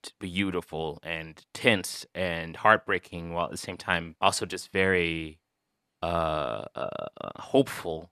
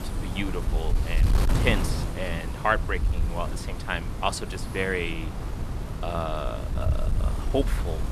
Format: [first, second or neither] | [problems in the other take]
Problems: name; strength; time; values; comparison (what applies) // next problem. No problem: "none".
first | wind noise on the microphone; heavy; 9 dB below the speech